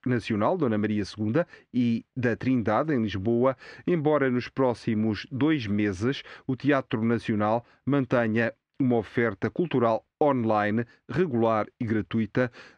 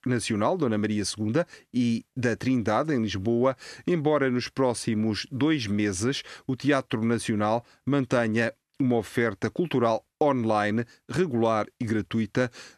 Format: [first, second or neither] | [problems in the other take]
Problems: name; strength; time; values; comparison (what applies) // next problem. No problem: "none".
second | muffled; slightly; fading above 3 kHz